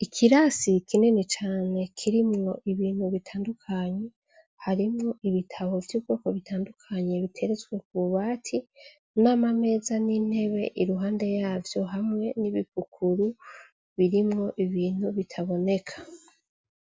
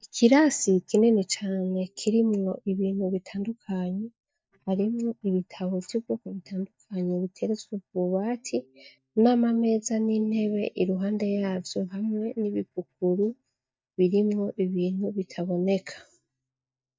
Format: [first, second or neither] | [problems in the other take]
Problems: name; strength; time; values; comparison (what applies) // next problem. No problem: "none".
first | noise reduction (neural mask model DeepFilterNet 3)